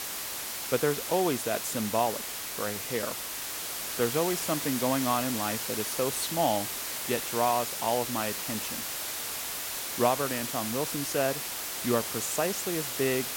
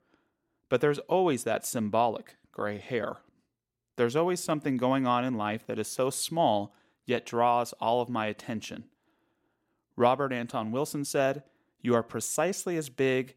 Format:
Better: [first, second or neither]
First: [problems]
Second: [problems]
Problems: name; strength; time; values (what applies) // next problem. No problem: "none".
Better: second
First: hiss; loud; throughout; 2 dB below the speech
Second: none